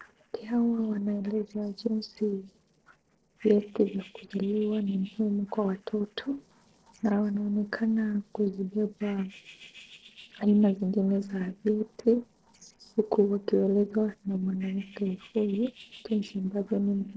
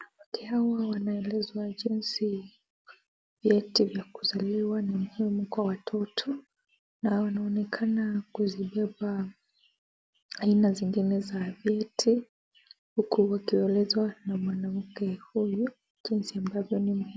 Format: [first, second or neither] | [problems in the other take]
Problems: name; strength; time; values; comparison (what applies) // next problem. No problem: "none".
second | noise reduction (neural separator model SepFormer DNS4)